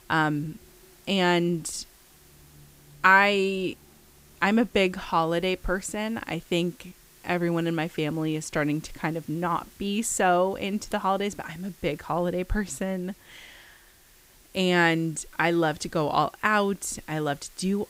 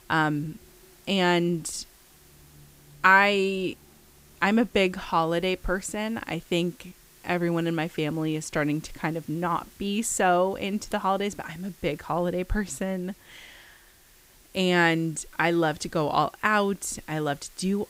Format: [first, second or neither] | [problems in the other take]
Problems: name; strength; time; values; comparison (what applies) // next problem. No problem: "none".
neither | hiss; faint; throughout; 25 dB below the speech; the same in both